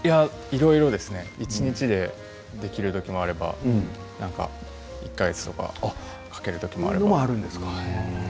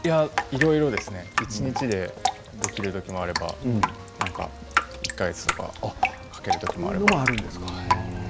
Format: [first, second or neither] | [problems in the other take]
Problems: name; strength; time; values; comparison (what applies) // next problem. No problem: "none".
first | background sound (Drip); 2 dB below the speech